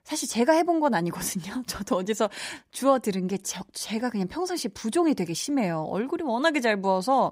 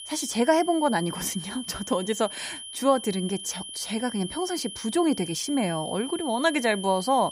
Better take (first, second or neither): first